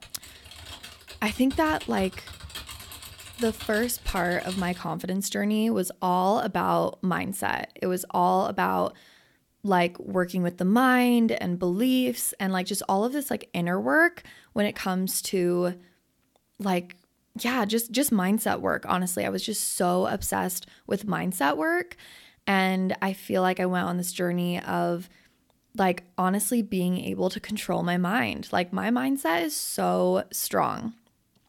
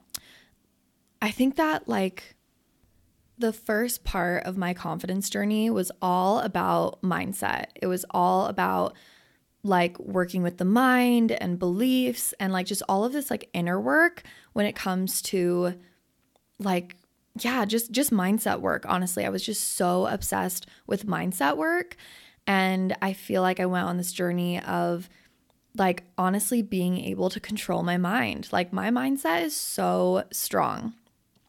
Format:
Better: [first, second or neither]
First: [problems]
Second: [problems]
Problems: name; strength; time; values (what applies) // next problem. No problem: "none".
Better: second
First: keyboard typing; faint; until 5 s; peak 10 dB below the speech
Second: none